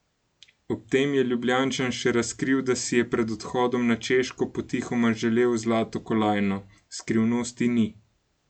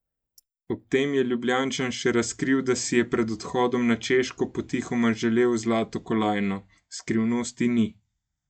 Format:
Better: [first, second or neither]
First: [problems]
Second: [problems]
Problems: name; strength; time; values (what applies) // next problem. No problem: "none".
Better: first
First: none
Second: noise reduction (neural mask model DeepFilterNet 3)